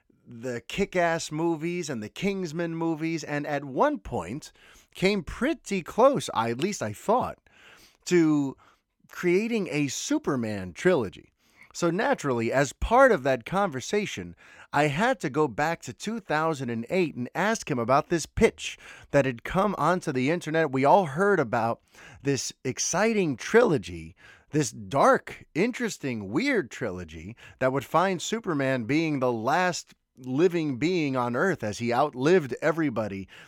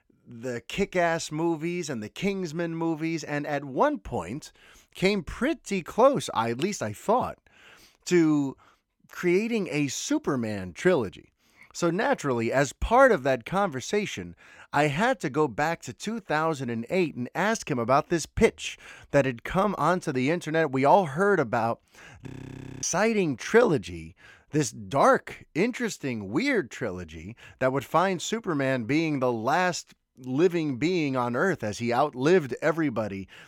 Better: first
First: none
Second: audio freezing; at 22 s for 0.5 s

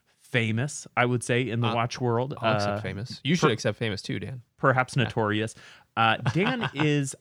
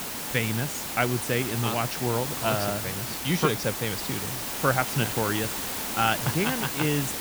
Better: first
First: none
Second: hiss; loud; throughout; 2 dB below the speech

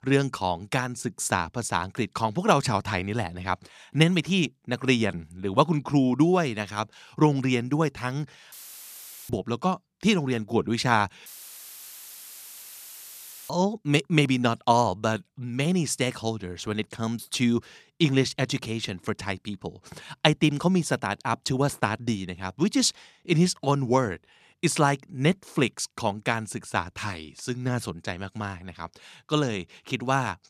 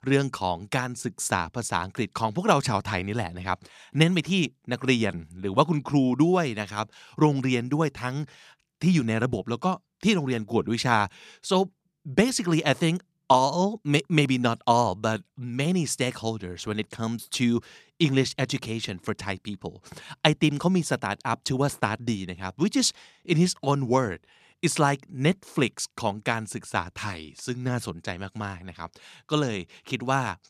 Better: second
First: audio cutting out; filled with static; at 8.5 s for 1 s and at 11 s for 2 s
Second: none

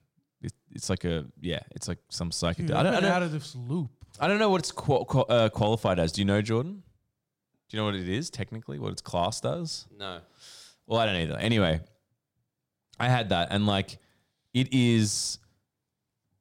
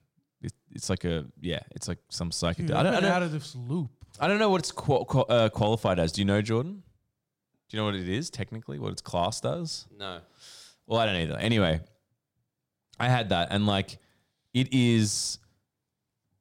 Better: neither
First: none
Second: none

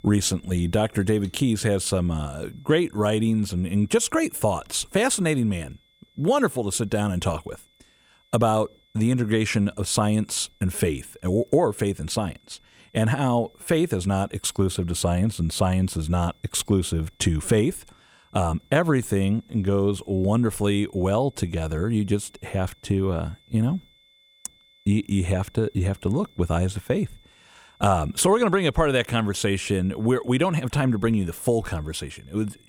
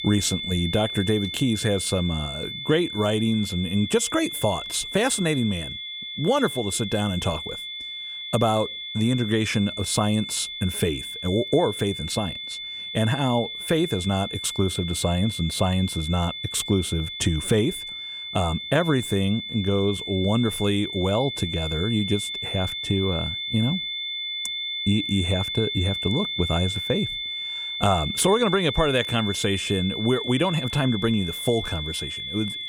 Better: first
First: high-pitched whine; faint; throughout; 3.5 kHz, 35 dB below the speech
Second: high-pitched whine; loud; throughout; 3.5 kHz, 5 dB below the speech

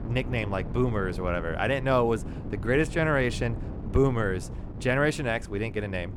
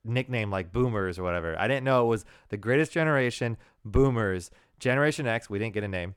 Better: second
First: wind noise on the microphone; occasional gusts; 15 dB below the speech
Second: none

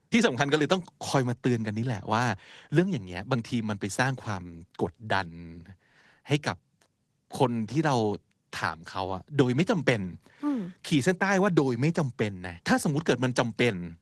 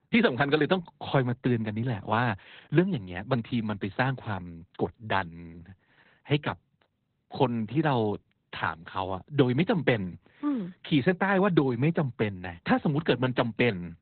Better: first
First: garbled, watery; slightly; nothing above 13.5 kHz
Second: garbled, watery; badly; nothing above 4 kHz

